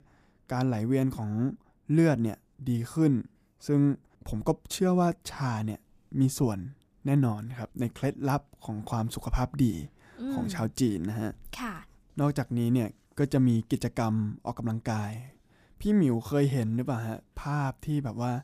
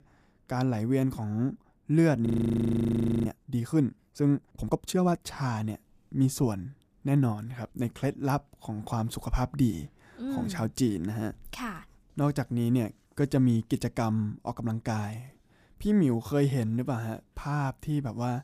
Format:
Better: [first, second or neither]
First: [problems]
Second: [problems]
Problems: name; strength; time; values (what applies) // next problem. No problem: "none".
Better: first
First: none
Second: audio freezing; at 2.5 s for 1 s